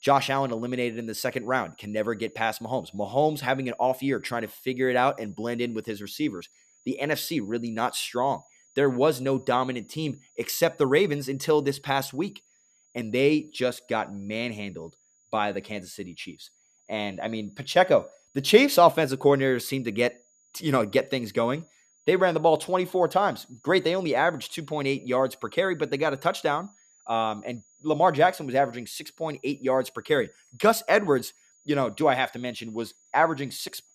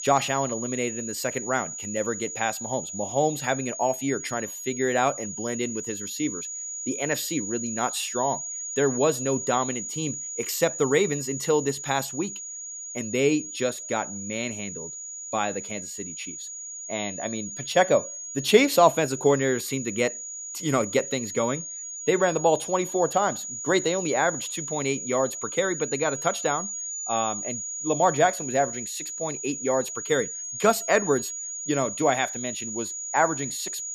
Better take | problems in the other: first | high-pitched whine; loud; throughout; 7 kHz, 6 dB below the speech; faint in the first

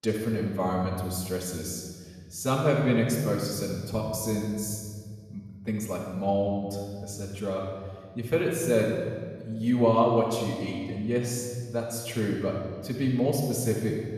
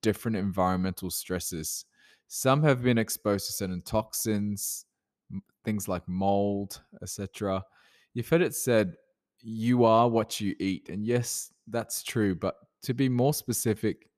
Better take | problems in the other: second | off-mic speech; far // room echo; noticeable; dies away in 1.8 s

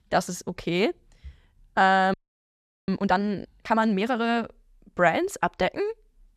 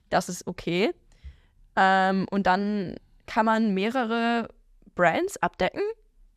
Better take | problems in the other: second | audio freezing; at 2 s for 0.5 s

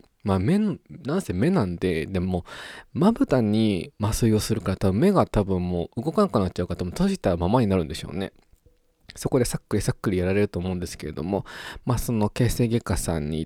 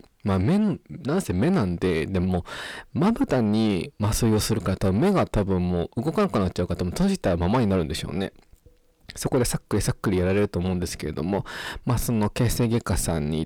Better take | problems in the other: first | distortion; slight; 10 dB below the speech

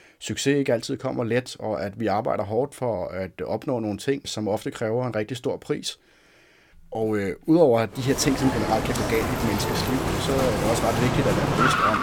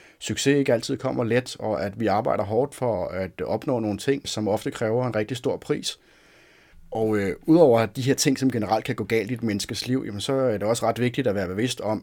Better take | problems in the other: second | traffic noise; very loud; from 8 s on; as loud as the speech

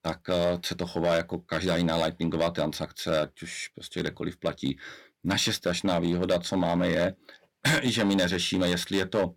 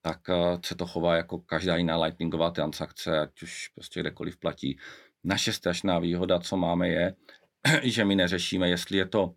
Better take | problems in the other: second | distortion; slight; 5% of the sound clipped

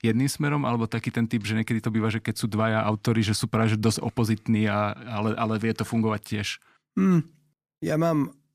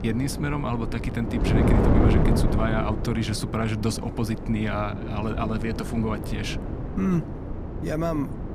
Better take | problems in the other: first | wind noise on the microphone; heavy; 2 dB below the speech

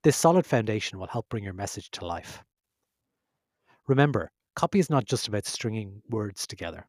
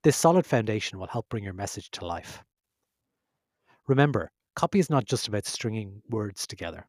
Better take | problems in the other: neither | none

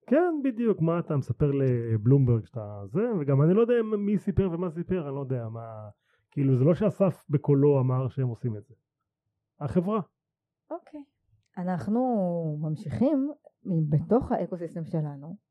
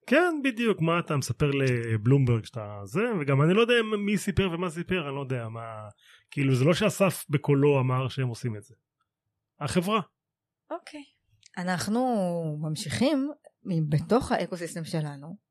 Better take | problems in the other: second | muffled; very; fading above 1.5 kHz

